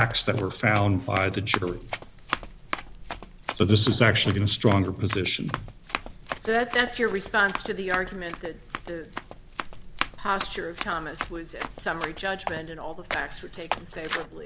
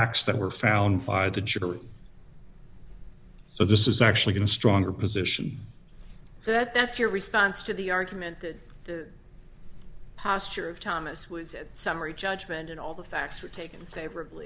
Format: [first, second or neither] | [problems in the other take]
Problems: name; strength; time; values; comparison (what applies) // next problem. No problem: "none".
second | background sound (Tap + Run); 9 dB below the speech